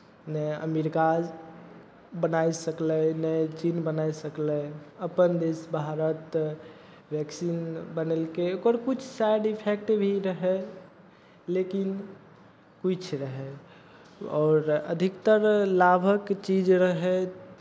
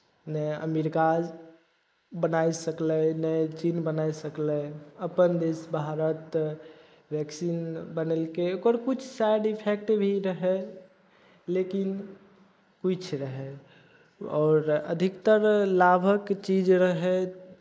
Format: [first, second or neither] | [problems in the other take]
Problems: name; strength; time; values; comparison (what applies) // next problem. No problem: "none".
first | noise reduction (neural mask model Resemble Enhance denoiser)